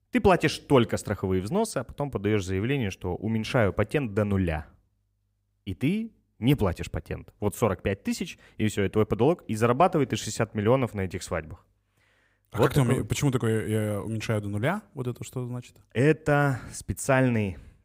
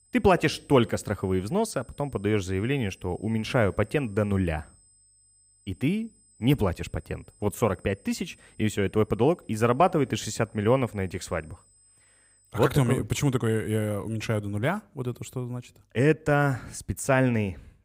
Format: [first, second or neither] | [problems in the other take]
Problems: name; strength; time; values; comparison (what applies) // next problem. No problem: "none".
first | high-pitched whine; faint; until 13 s; 8 kHz, 30 dB below the speech